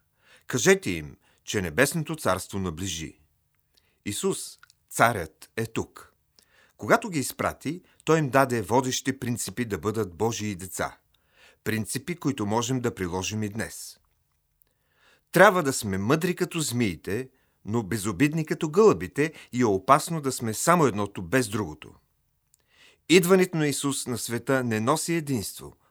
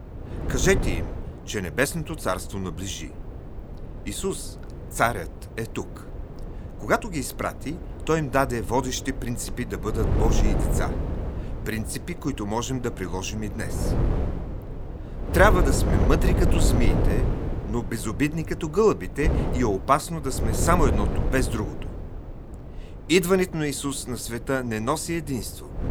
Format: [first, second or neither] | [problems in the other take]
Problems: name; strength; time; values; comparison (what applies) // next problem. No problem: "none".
first | wind noise on the microphone; heavy; 9 dB below the speech